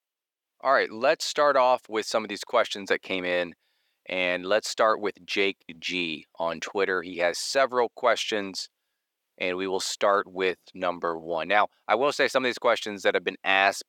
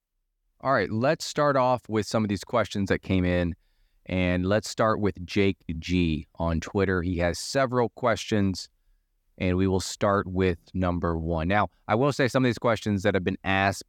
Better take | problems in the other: second | thin; somewhat; fading below 500 Hz

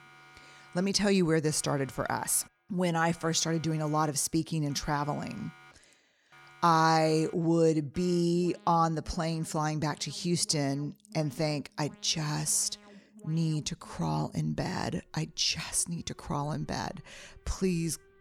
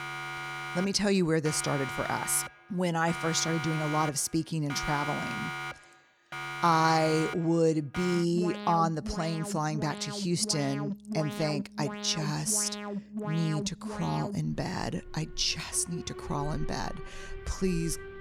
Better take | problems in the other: first | alarms or sirens; loud; throughout; 8 dB below the speech; faint in the first

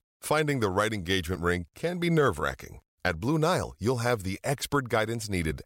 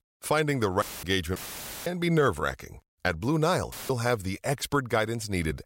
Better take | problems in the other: first | audio cutting out; filled with static; at 1 s, at 1.5 s for 0.5 s and at 3.5 s

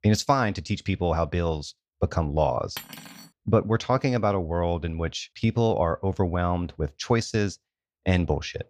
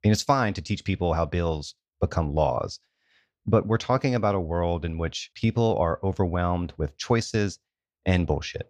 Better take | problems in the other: second | clattering dishes; faint; at 3 s; peak 10 dB below the speech

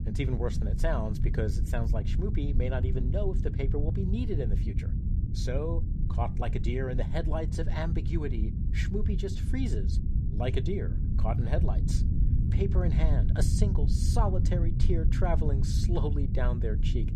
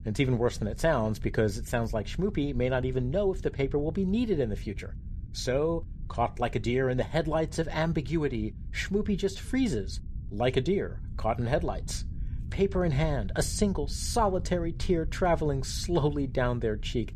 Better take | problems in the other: second | low rumble; loud; throughout; 7 dB below the speech; faint in the second

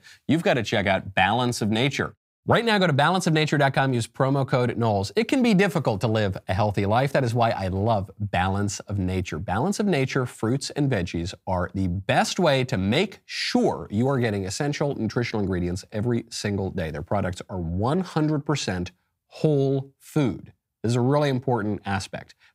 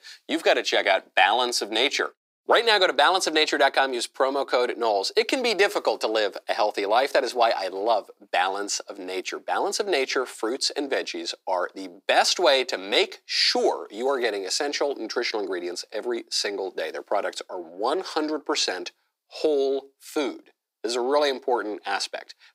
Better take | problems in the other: first | thin; very; fading below 350 Hz

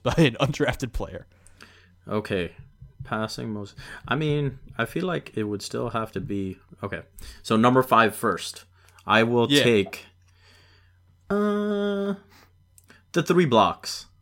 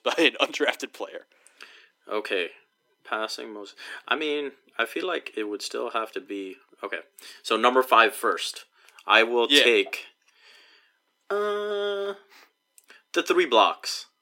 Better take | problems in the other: first | thin; somewhat; fading below 300 Hz

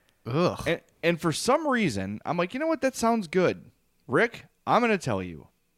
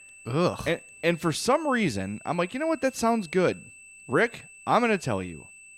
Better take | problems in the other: first | high-pitched whine; noticeable; throughout; 2.5 kHz, 20 dB below the speech

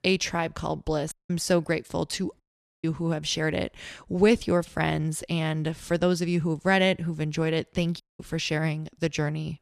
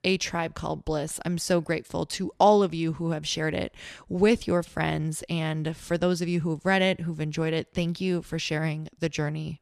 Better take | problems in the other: second | audio cutting out; at 1 s, at 2.5 s and at 8 s

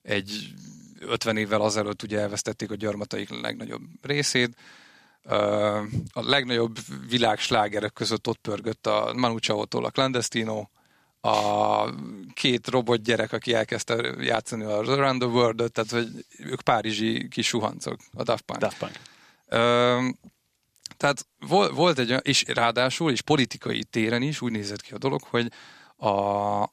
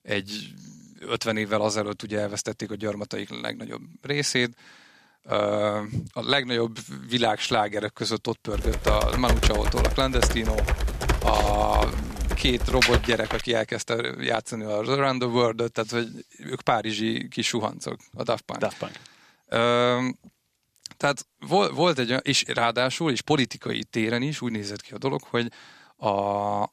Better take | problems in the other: first | keyboard typing; loud; from 8.5 to 13 s; peak 5 dB above the speech

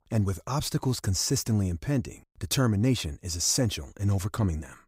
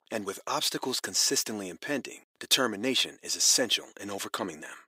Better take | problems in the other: first | thin; somewhat; fading below 350 Hz

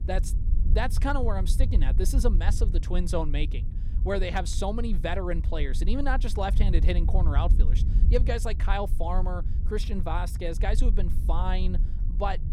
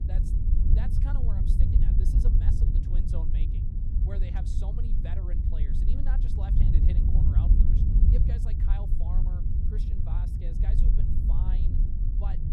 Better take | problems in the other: first | wind noise on the microphone; heavy; 4 dB above the speech; occasional gusts in the first

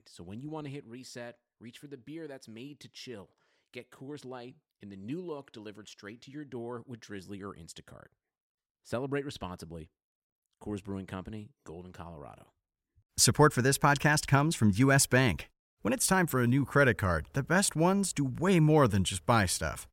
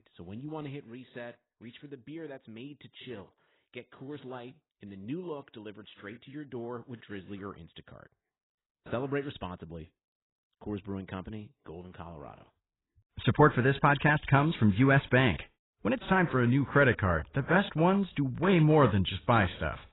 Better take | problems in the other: first | garbled, watery; badly; nothing above 4 kHz

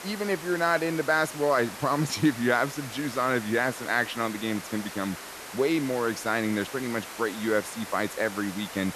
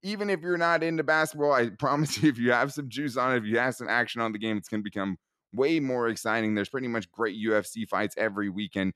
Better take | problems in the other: second | hiss; noticeable; throughout; 10 dB below the speech

